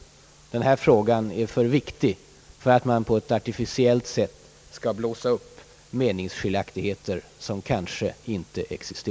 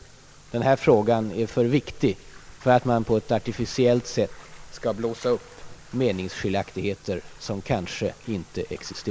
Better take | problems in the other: first | background sound (Bathtub (filling or washing)); 20 dB below the speech

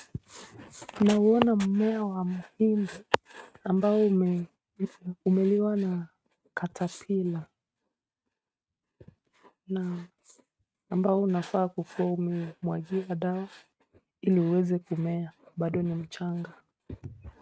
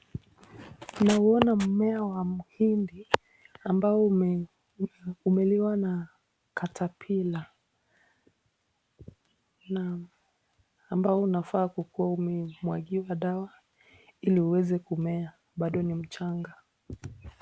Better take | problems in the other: second | noise reduction (neural mask model RNNoise)

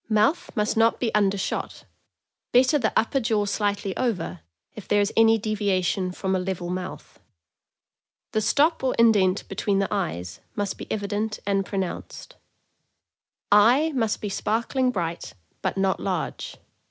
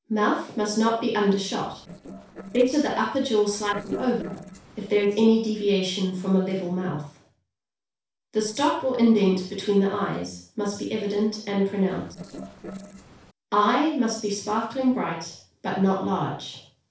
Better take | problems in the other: first | noise reduction (neural separator model SepFormer DNS4)

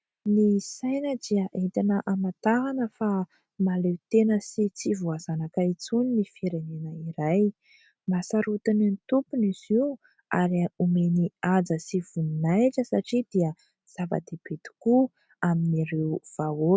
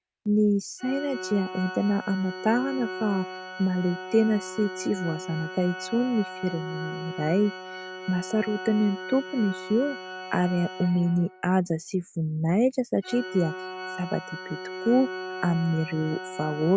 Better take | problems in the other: first | background sound (Organ); 11 dB below the speech

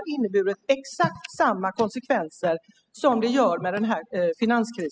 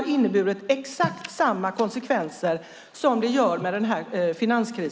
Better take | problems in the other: second | noise reduction (classical method spectral subtraction)

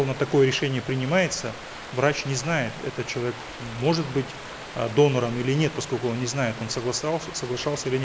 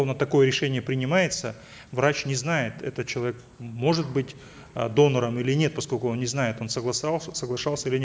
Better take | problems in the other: second | background sound (Stream); 13 dB below the speech

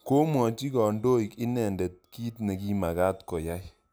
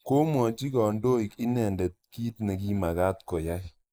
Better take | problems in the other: first | noise reduction (neural mask model Resemble Enhance denoiser)

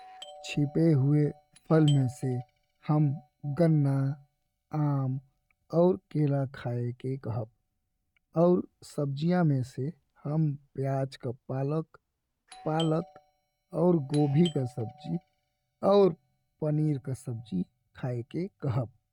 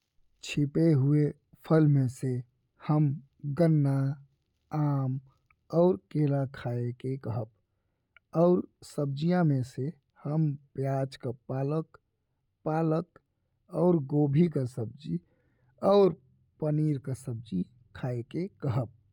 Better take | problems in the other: second | noise reduction (neural mask model RNNoise)

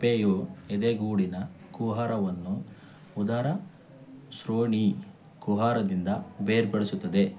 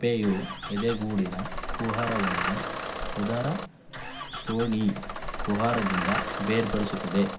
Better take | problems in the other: first | background sound (Engine starting / Bus); 4 dB below the speech

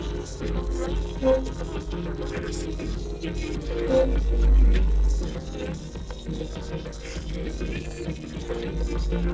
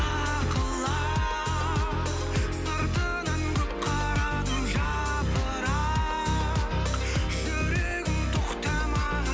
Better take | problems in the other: second | noise reduction (neural separator model SepFormer DNS4)

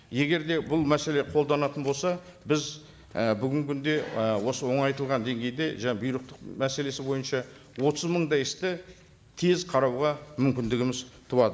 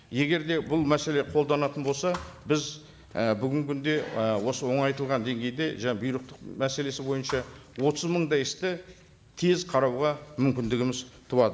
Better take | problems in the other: first | background sound (Thump, thud); 17 dB below the speech

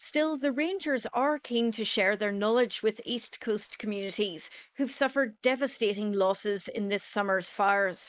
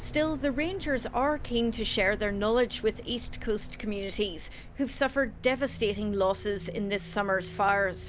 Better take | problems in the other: second | noise reduction (neural mask model Resemble Enhance denoiser)

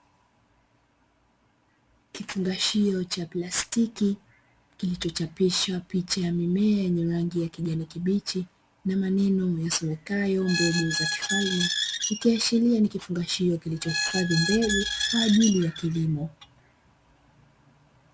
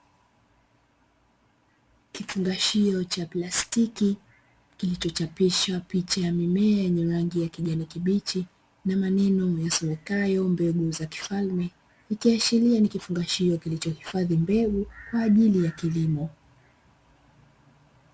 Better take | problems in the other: second | background sound (Squeak); 4 dB below the speech

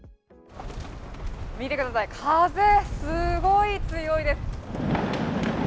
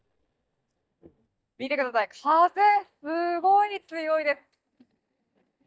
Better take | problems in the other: first | noise reduction (neural mask model DeepFilterNet 3)

